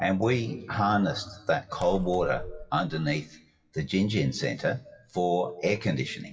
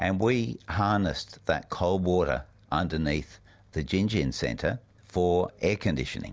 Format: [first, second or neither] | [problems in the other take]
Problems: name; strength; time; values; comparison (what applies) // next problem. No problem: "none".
second | noise reduction (classical method WPE with log-MMSE)